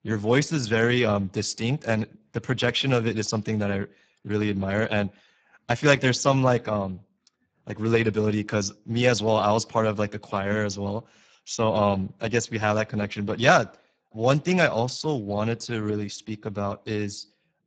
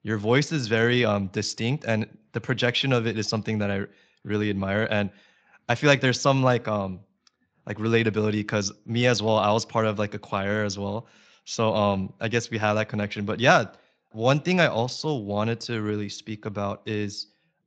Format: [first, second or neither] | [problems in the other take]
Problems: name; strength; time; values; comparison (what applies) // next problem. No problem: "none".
second | garbled, watery; badly; nothing above 7.5 kHz; slightly in the second